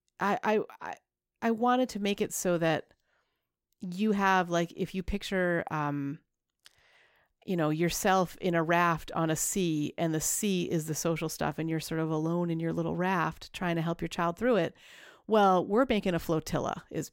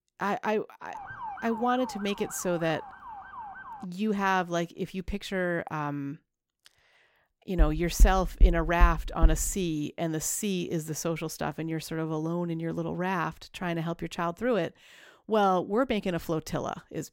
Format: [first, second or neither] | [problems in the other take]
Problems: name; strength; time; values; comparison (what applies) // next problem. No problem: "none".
first | siren; noticeable; from 1 to 4 s; peak 9 dB below the speech // door banging; loud; from 7.5 to 9.5 s; peak 3 dB above the speech